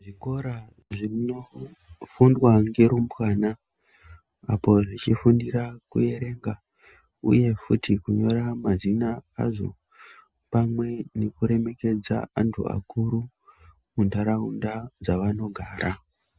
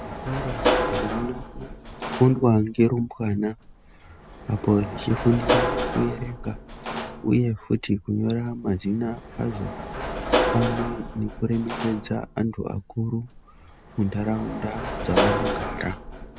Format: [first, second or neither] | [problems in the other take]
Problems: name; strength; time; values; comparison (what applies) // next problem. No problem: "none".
first | background sound (Sliding door / Slam); 3 dB below the speech